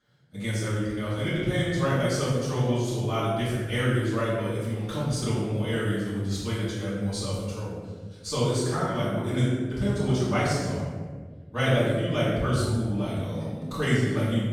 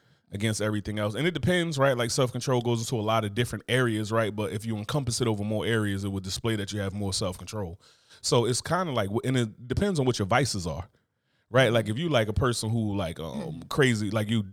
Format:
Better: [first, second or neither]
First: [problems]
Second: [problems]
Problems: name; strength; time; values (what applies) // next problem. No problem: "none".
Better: second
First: off-mic speech; far // room echo; strong; dies away in 1.4 s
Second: none